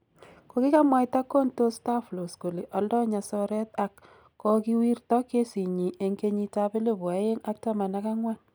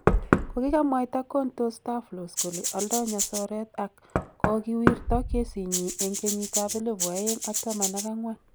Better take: first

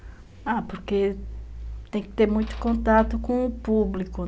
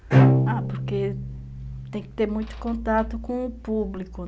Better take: first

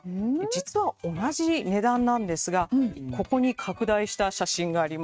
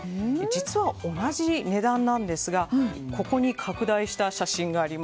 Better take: second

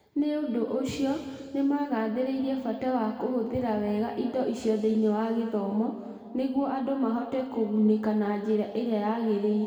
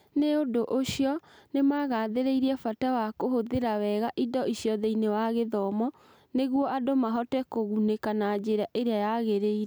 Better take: second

